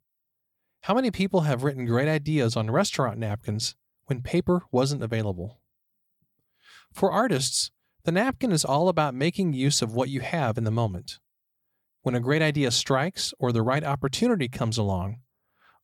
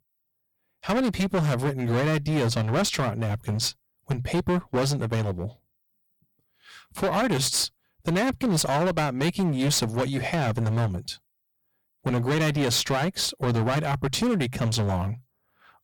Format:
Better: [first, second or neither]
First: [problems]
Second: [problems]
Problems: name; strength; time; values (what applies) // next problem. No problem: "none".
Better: first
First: none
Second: distortion; heavy; 16% of the sound clipped